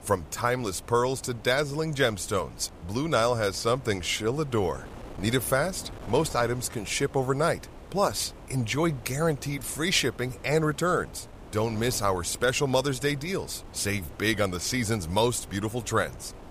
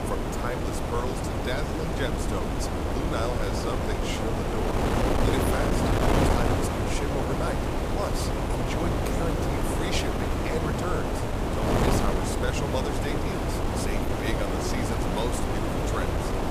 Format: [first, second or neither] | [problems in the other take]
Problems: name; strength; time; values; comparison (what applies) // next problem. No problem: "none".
first | wind noise on the microphone; heavy; 5 dB above the speech; occasional gusts in the first